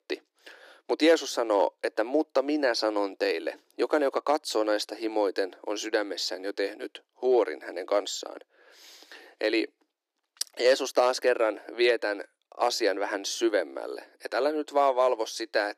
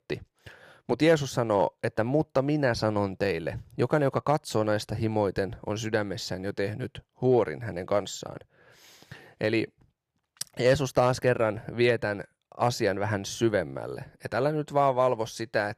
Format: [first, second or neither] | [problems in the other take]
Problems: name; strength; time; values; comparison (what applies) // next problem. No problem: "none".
second | thin; somewhat; fading below 300 Hz